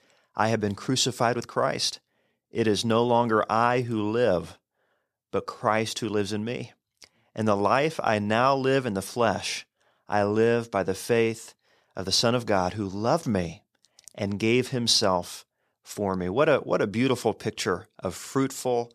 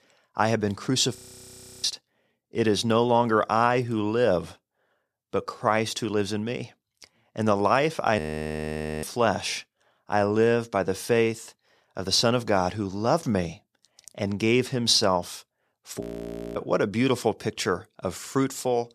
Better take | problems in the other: first | audio freezing; at 1 s for 0.5 s, at 8 s for 1 s and at 16 s for 0.5 s

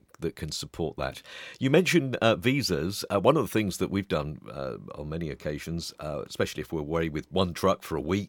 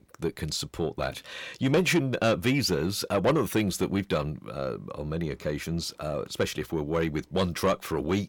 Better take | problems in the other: first | distortion; slight; 10 dB below the speech

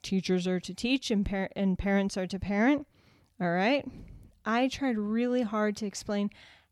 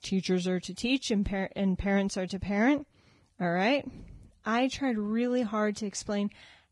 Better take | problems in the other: first | garbled, watery; badly; nothing above 10 kHz

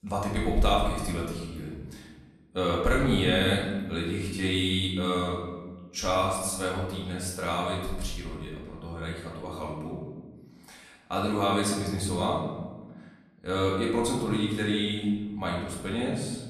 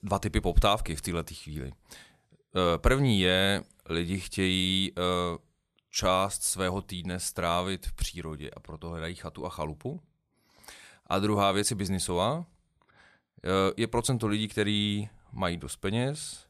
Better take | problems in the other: second | room echo; noticeable; dies away in 1.2 s // off-mic speech; far

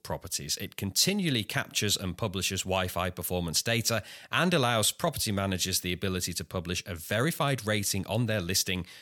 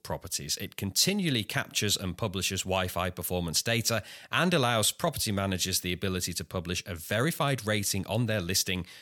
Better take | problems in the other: neither | none

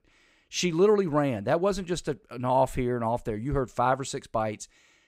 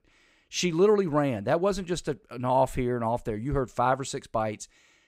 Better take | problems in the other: neither | none

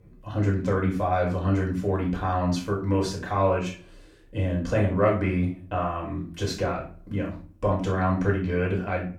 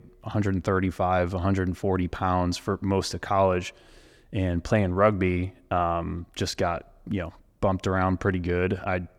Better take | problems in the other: second | off-mic speech; far // room echo; slight; dies away in 0.3 s

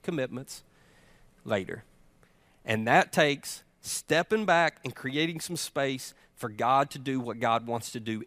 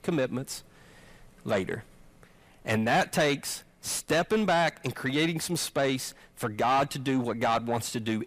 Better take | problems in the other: first | distortion; heavy; 7 dB below the speech

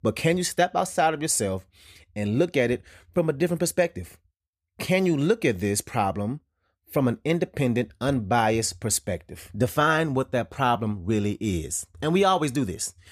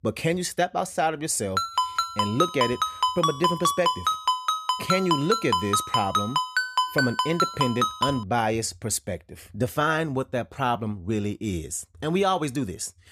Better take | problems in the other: first | phone ringing; loud; from 1.5 to 8 s; peak 3 dB above the speech

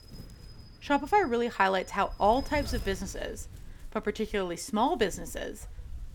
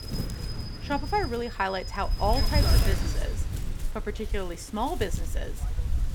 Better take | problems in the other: first | wind noise on the microphone; heavy; 6 dB below the speech; occasional gusts in the first

